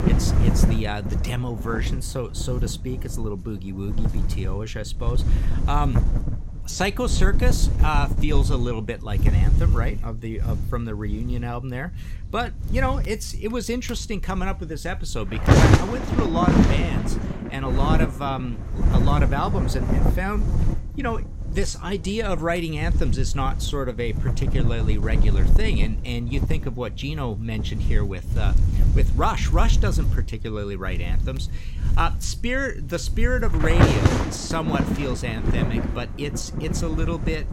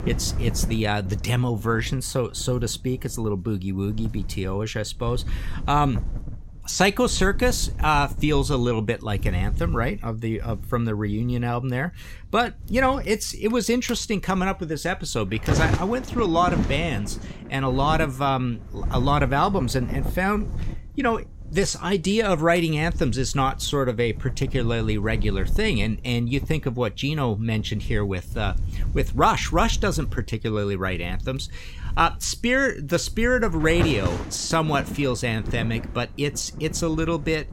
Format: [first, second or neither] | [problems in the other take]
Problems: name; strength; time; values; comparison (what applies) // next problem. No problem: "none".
second | wind noise on the microphone; heavy; 2 dB below the speech; occasional gusts in the second